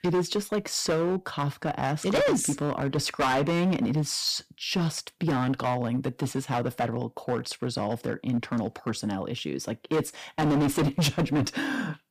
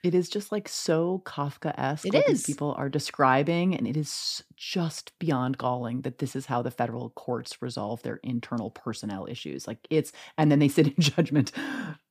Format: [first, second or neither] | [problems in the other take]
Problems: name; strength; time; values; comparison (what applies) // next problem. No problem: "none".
second | distortion; heavy; 12% of the sound clipped